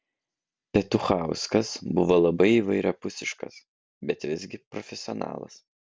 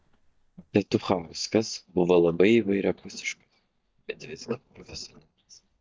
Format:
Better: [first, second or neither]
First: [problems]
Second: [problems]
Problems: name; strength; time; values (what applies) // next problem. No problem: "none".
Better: first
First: none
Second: noise reduction (neural mask model DeepFilterNet 3)